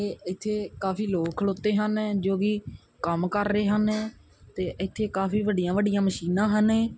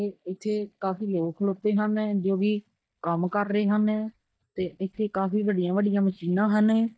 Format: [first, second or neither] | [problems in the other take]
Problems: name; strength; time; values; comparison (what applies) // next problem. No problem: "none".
first | noise reduction (neural mask model DeepFilterNet 3)